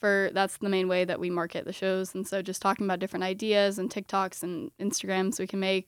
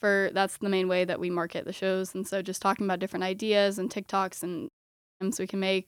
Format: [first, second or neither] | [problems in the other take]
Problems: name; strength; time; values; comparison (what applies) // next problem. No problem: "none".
first | audio cutting out; at 4.5 s for 0.5 s